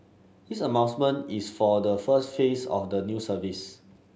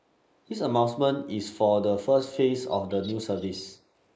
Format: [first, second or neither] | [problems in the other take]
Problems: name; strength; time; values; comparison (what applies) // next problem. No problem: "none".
first | noise reduction (neural mask model Resemble Enhance denoiser)